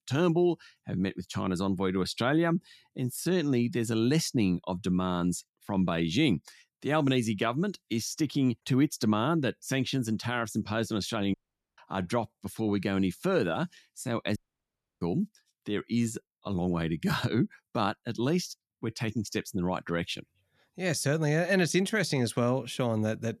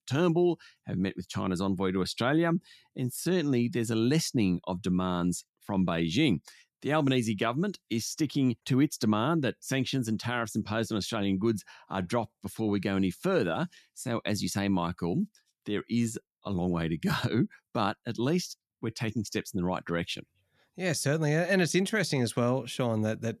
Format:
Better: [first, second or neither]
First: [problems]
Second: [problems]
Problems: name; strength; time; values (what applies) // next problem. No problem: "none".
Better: second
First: audio cutting out; at 11 s and at 14 s for 0.5 s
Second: none